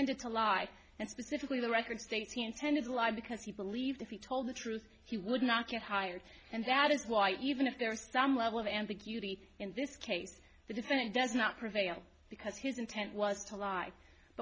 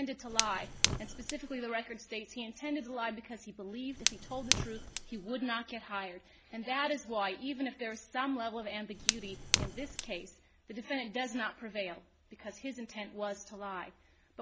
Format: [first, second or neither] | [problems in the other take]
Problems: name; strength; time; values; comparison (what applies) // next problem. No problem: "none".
first | background sound (Fire); 3 dB above the speech